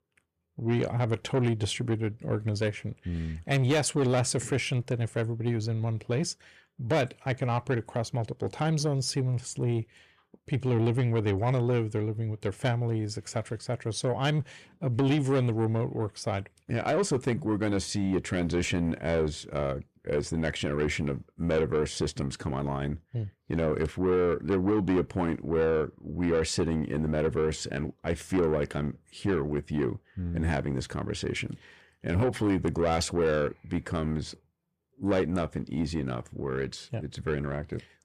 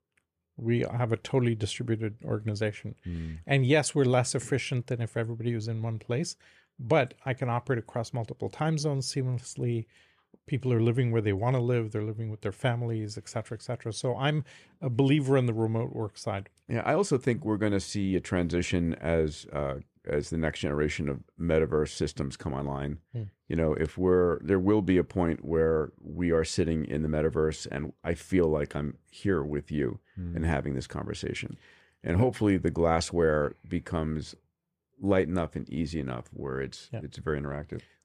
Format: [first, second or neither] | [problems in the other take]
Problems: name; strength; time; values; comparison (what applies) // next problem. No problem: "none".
second | distortion; slight; 10 dB below the speech